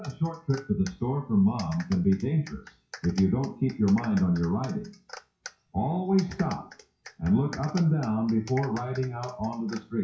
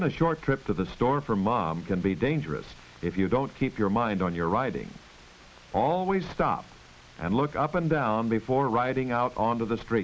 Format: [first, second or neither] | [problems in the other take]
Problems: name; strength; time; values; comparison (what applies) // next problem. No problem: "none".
second | noise reduction (classical method WPE with log-MMSE)